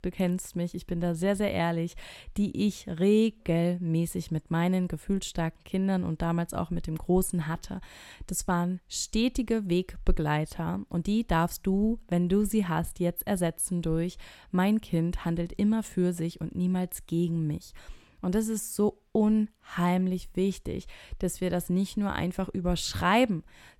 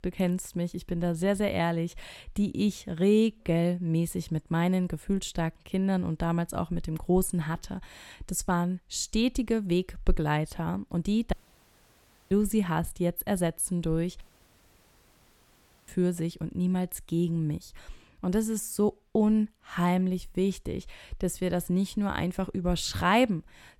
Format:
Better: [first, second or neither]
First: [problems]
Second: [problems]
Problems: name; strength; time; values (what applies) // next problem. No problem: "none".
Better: first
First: none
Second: audio cutting out; at 11 s for 1 s and at 14 s for 1.5 s